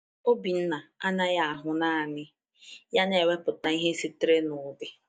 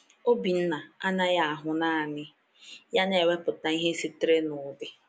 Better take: second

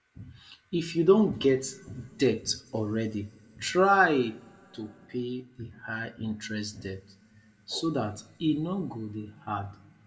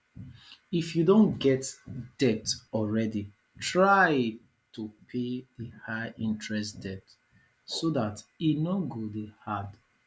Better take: second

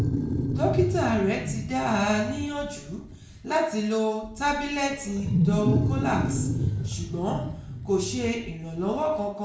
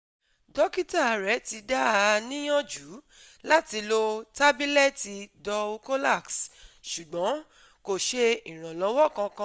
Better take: second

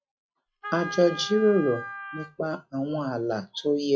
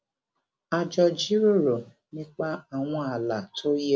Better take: second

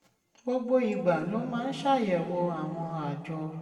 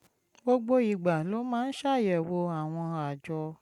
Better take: second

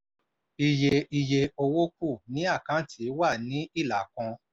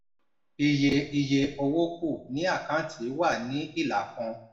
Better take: first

